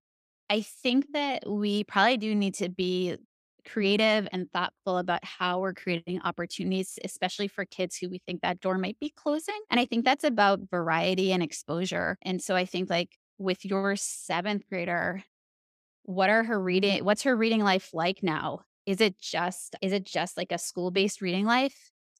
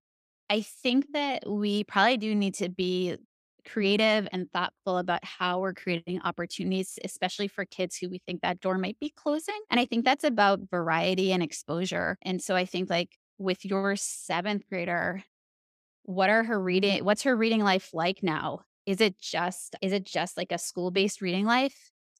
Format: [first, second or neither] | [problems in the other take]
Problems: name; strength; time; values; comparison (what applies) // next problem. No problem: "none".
neither | none